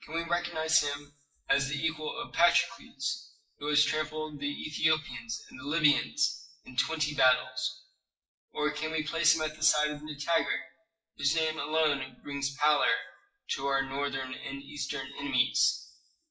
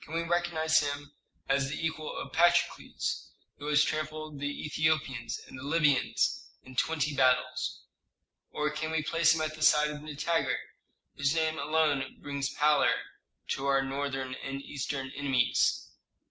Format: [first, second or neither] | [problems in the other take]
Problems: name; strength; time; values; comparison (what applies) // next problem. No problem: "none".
second | noise reduction (classical method WPE with log-MMSE)